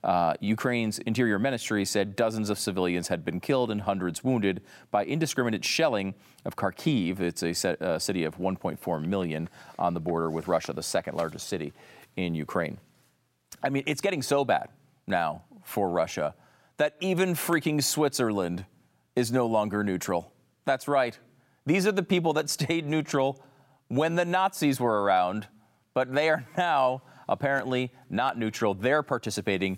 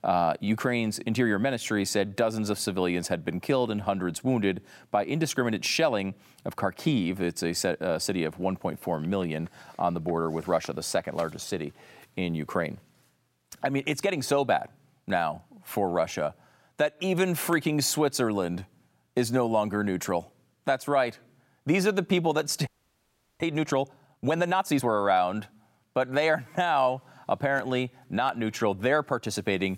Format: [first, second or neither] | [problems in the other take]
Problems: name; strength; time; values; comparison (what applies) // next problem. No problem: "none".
first | audio freezing; at 23 s for 0.5 s